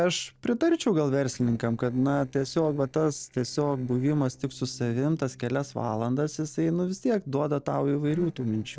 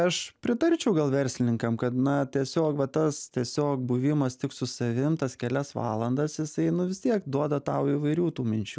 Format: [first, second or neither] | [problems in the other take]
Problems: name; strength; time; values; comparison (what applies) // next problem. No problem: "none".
second | noise reduction (neural separator model SepFormer DNS4)